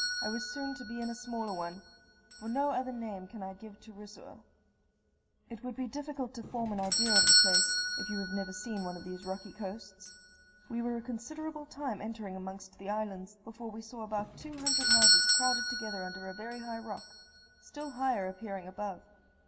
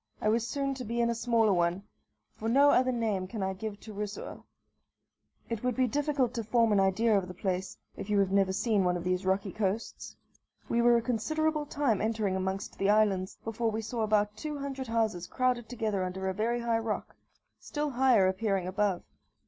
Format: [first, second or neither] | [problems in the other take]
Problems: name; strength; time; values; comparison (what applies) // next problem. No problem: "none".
second | background sound (Doorbell); 4 dB above the speech // room echo; dies away in 0.6 s